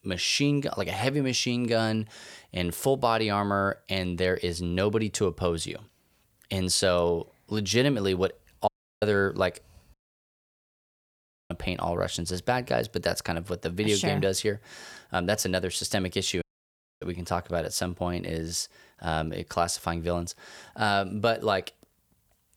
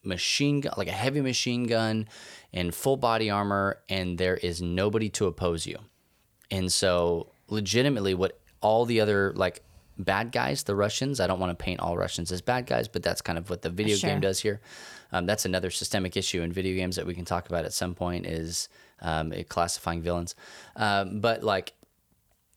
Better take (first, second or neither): second